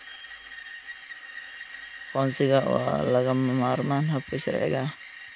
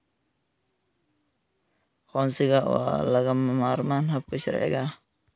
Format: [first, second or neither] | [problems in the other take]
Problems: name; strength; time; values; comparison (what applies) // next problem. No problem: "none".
second | background sound (Screech); 15 dB below the speech